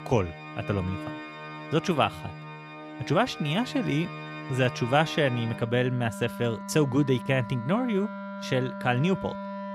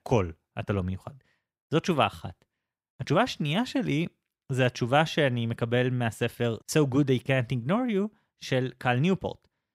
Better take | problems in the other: second | background music; noticeable; throughout; 10 dB below the speech

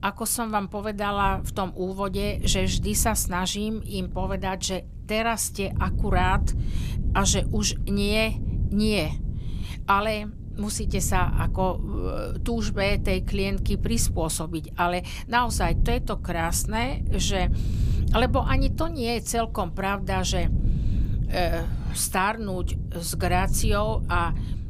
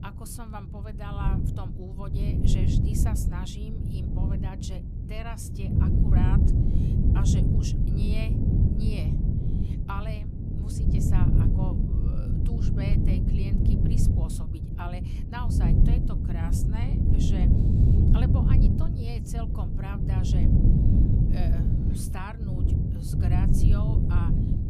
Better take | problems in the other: first | wind noise on the microphone; heavy; 4 dB above the speech; occasional gusts in the first

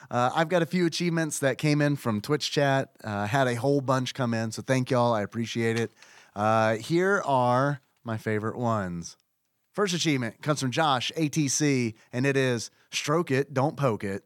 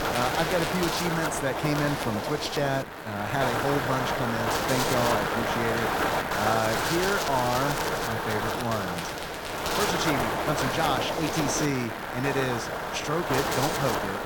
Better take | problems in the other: first | wind noise on the microphone; heavy; 3 dB above the speech

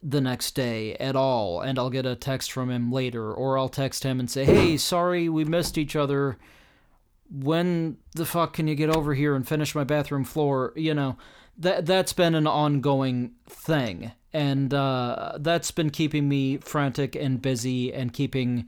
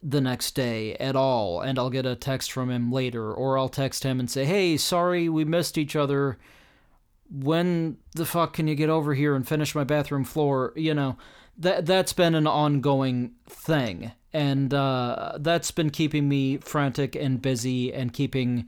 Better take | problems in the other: second | footsteps; loud; at 4.5 s; peak 4 dB above the speech // door banging; faint; from 5.5 to 9 s; peak 10 dB below the speech

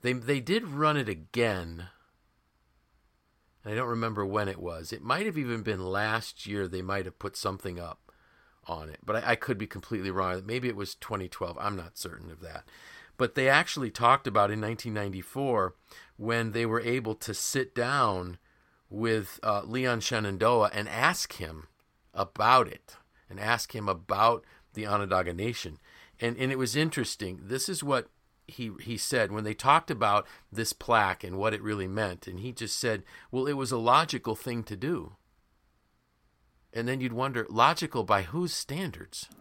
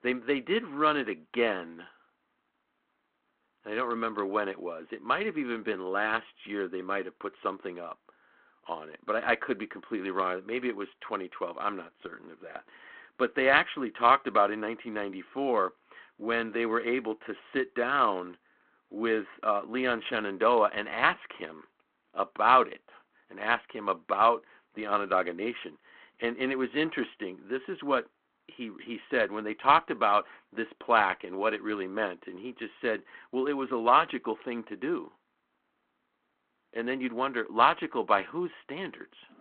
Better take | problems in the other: first | phone-call audio

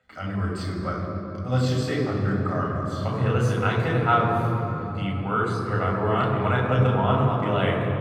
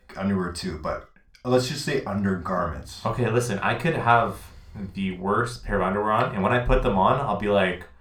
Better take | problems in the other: second | room echo; strong; dies away in 3 s; slight in the second // off-mic speech; far

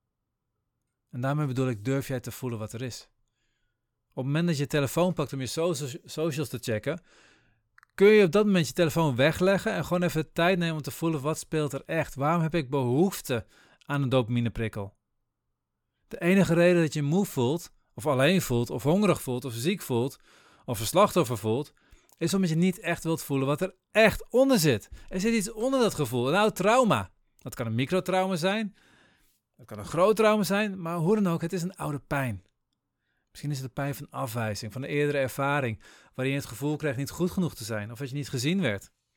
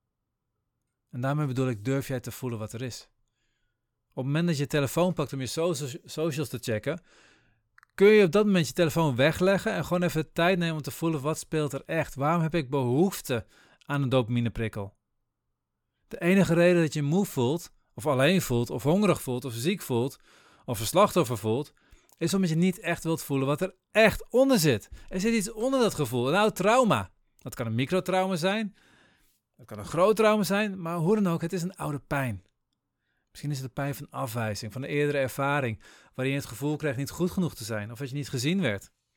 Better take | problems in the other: neither | none

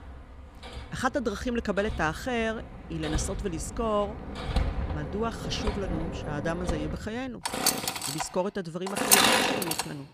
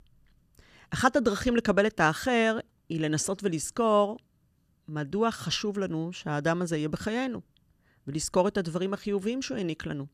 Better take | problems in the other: second | machinery noise; very loud; throughout; 4 dB above the speech

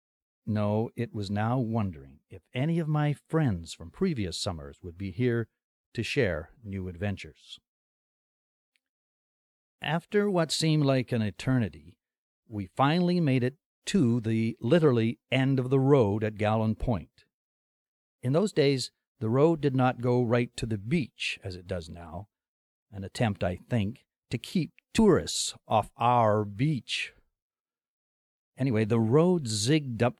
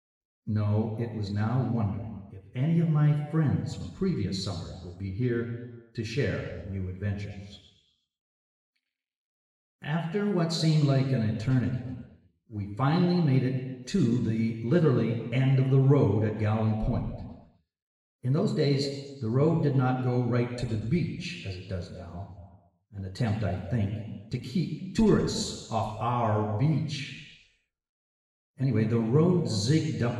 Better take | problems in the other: first | room echo; noticeable; dies away in 1.2 s // off-mic speech; far

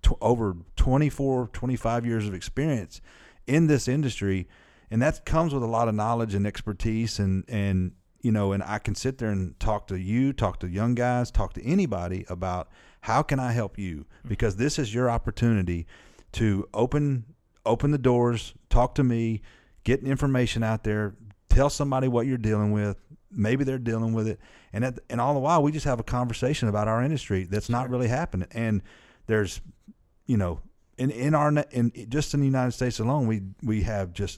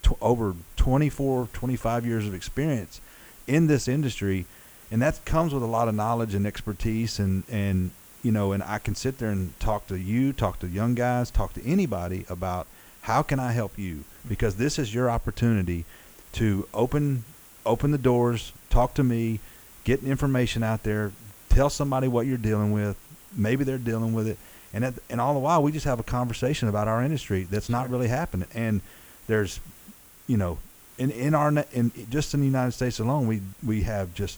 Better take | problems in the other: first | hiss; faint; throughout; 20 dB below the speech

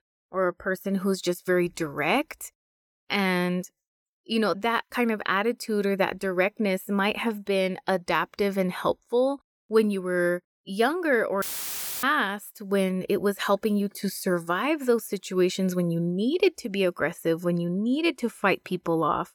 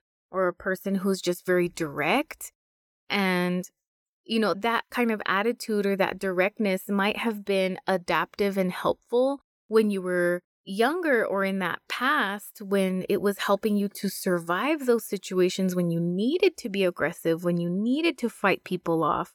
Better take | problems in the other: second | audio cutting out; filled with static; at 11 s for 0.5 s

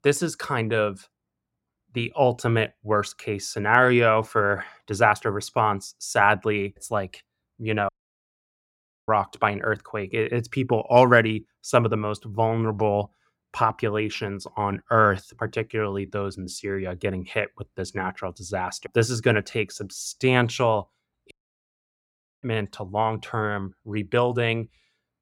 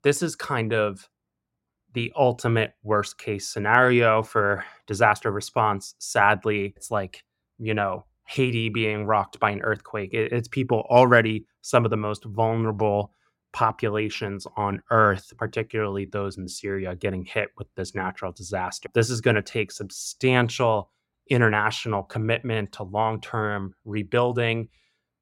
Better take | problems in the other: second | audio cutting out; at 8 s for 1 s and at 21 s for 1 s

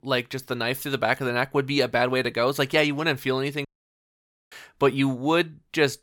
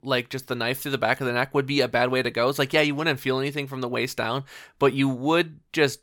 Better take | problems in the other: second | audio cutting out; at 3.5 s for 1 s

